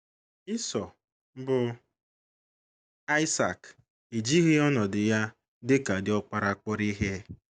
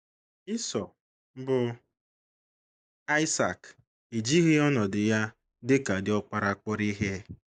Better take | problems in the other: first | noise reduction (neural mask model Resemble Enhance denoiser)

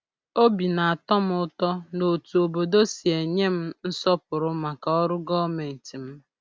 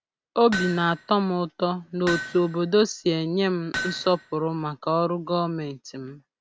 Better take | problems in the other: first | background sound (Hammer); 11 dB below the speech

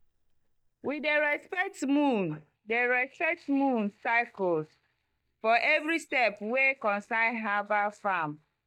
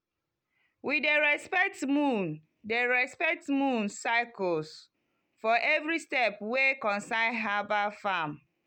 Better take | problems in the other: second | noise reduction (neural mask model DeepFilterNet 3)

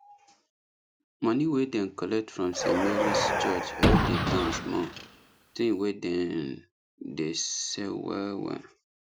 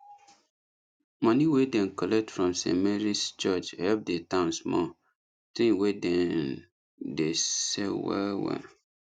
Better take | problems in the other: second | background sound (Car); 3 dB above the speech

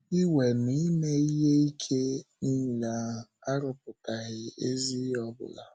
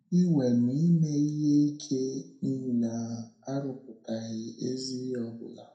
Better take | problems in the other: first | room echo; dies away in 0.4 s

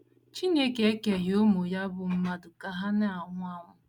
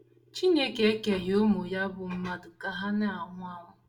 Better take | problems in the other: first | room echo; dies away in 0.3 s

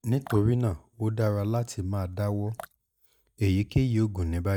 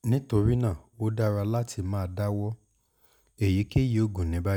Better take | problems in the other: second | noise reduction (neural mask model DeepFilterNet 3)

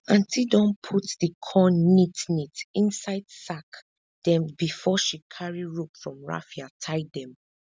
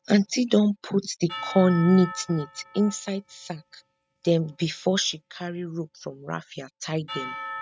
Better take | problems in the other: first | noise reduction (neural mask model RNNoise)

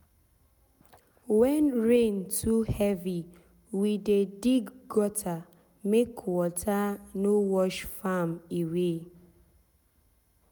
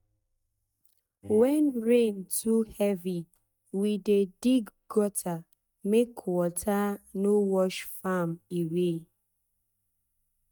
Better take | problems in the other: first | noise reduction (neural mask model DeepFilterNet 3)

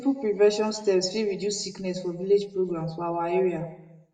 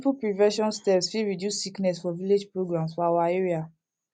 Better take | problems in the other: second | room echo; dies away in 0.6 s

